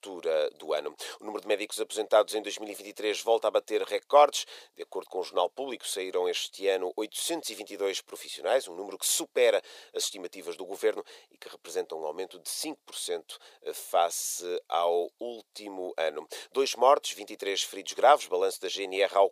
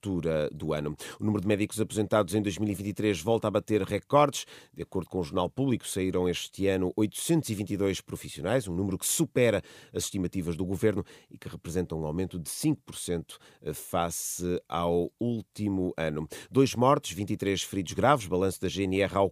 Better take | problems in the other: second | thin; very; fading below 450 Hz

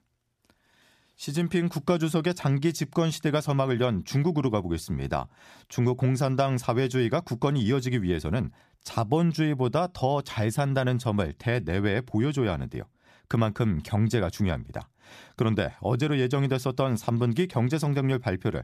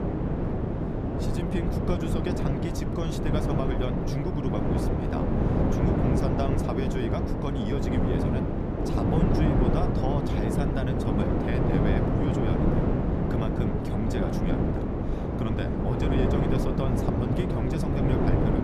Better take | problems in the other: first | wind noise on the microphone; heavy; 4 dB above the speech

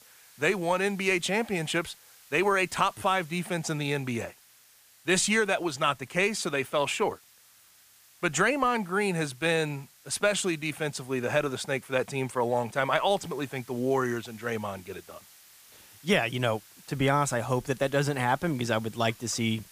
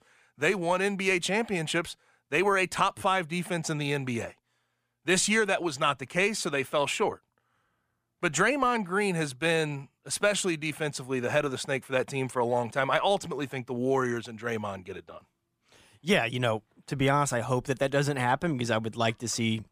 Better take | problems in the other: second | hiss; faint; throughout; 25 dB below the speech

